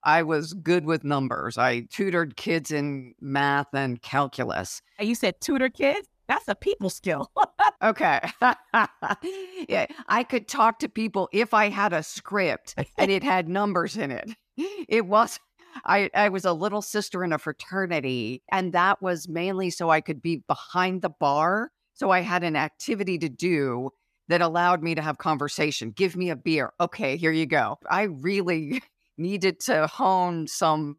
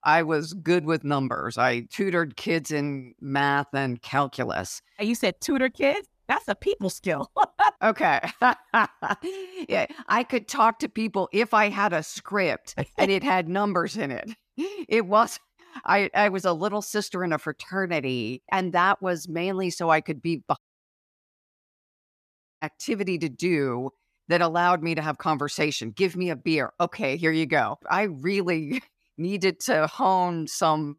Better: first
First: none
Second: audio cutting out; at 21 s for 2 s

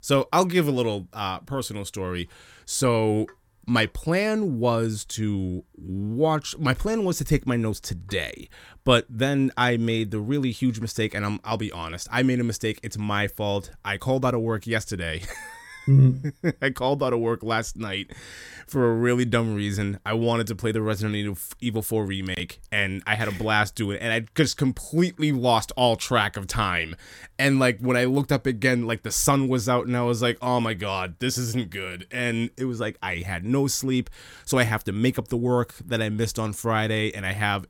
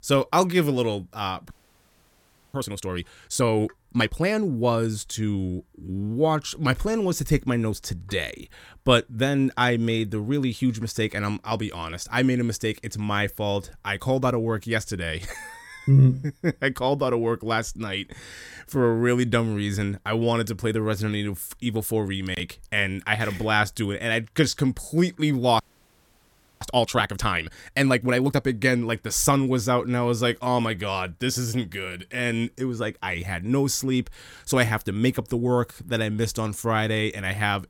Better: first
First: none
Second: audio freezing; at 1.5 s for 1 s and at 26 s for 1 s

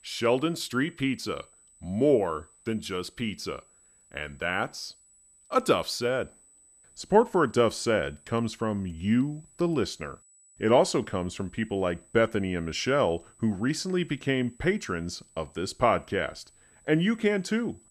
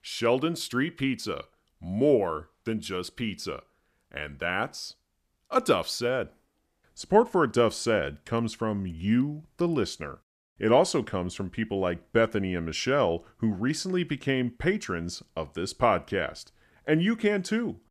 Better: second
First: high-pitched whine; faint; throughout; 8 kHz, 30 dB below the speech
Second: none

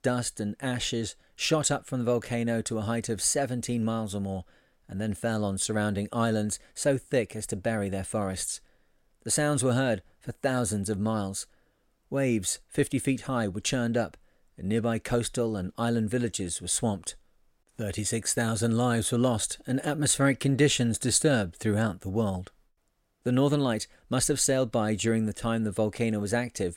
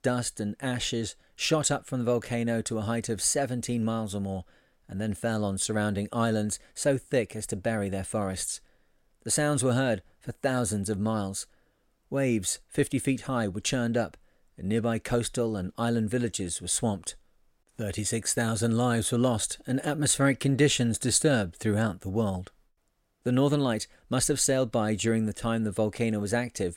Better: neither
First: none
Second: none

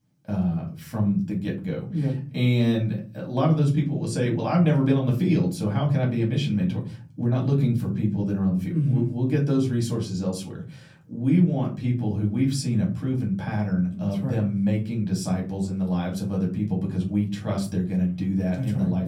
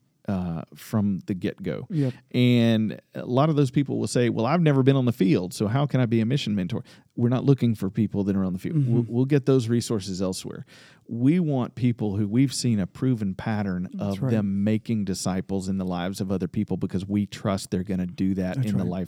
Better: second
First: off-mic speech; far // room echo; very slight; dies away in 0.5 s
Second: none

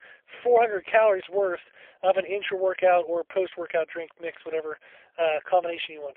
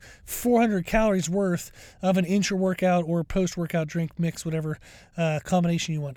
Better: second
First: phone-call audio; poor line; nothing above 3.5 kHz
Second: none

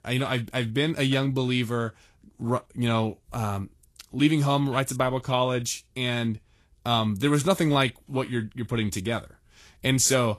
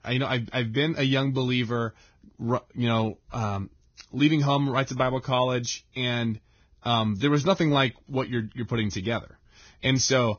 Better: first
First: garbled, watery; slightly; nothing above 12.5 kHz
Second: garbled, watery; badly; nothing above 6.5 kHz

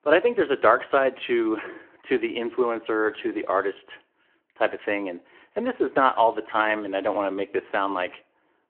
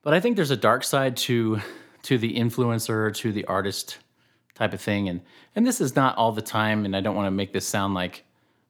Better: second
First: phone-call audio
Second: none

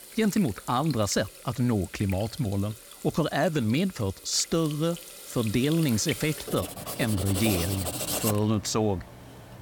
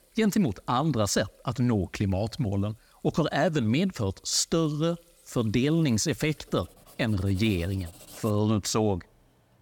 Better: second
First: household noises; loud; throughout; 8 dB below the speech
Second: household noises; faint; throughout; 25 dB below the speech

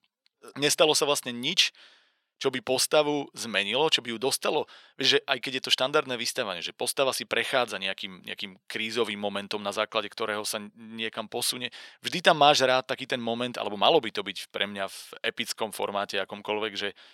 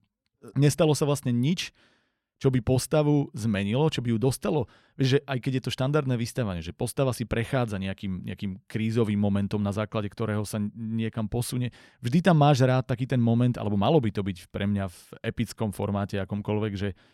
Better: second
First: thin; very; fading below 550 Hz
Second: none

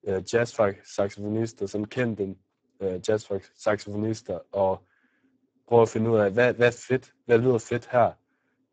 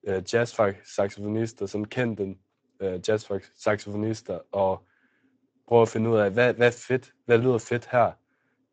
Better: second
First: garbled, watery; badly; nothing above 7.5 kHz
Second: garbled, watery; slightly; nothing above 7.5 kHz

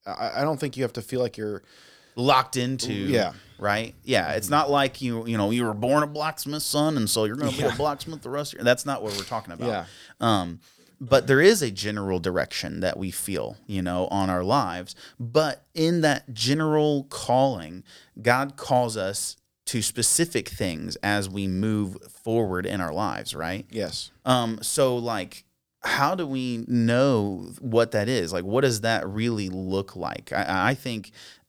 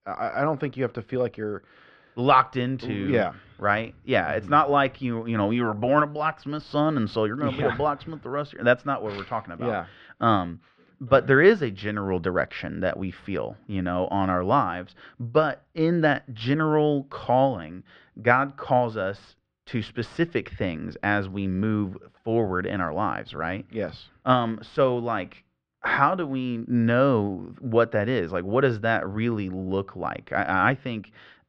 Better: first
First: none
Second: muffled; very; fading above 3 kHz

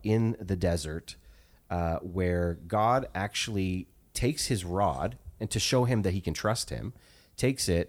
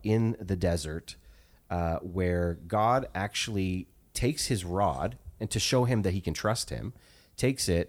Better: neither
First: none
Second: none

